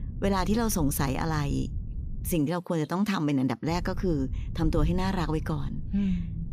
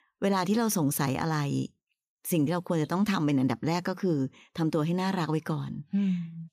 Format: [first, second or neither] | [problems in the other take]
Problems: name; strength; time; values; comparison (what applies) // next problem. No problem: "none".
second | wind noise on the microphone; occasional gusts; until 2.5 s and from 3.5 s on; 20 dB below the speech